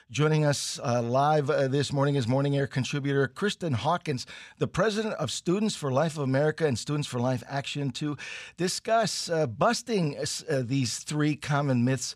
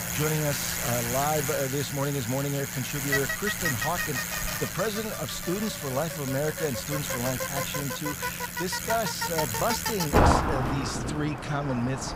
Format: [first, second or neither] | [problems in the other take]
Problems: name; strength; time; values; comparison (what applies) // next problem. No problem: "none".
first | traffic noise; very loud; throughout; 2 dB above the speech